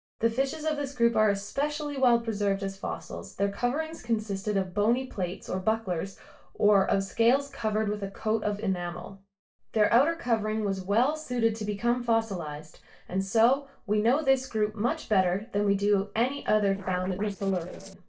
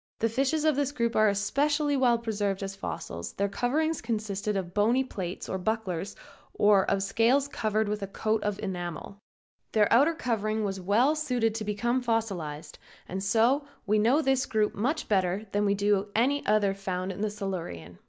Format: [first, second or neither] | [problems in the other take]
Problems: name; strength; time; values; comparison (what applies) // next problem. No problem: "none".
second | noise reduction (neural separator model SepFormer DNS4)